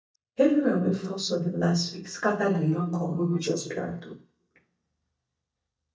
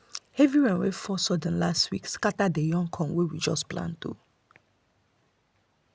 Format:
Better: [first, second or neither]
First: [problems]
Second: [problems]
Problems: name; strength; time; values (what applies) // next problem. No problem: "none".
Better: second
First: noise reduction (neural mask model DeepFilterNet 3)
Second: none